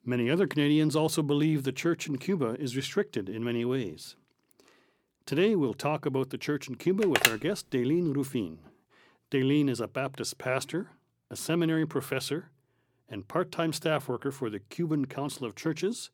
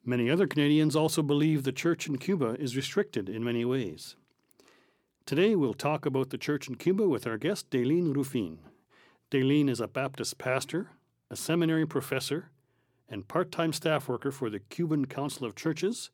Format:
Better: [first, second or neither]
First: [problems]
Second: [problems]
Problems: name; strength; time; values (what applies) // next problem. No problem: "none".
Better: second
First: phone ringing; loud; at 7 s; peak 5 dB above the speech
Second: none